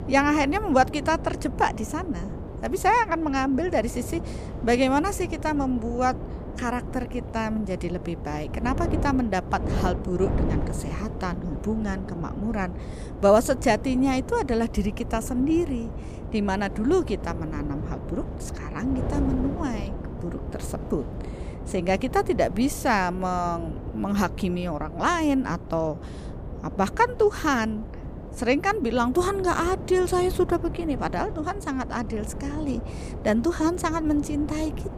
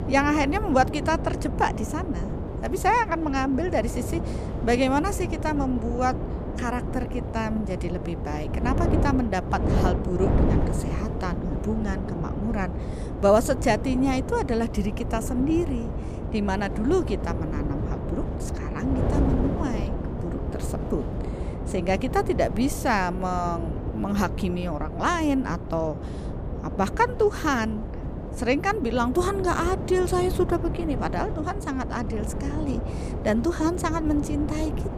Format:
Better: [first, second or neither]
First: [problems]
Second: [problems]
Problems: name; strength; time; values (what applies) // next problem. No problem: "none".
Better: first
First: wind noise on the microphone; occasional gusts; 15 dB below the speech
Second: wind noise on the microphone; heavy; 9 dB below the speech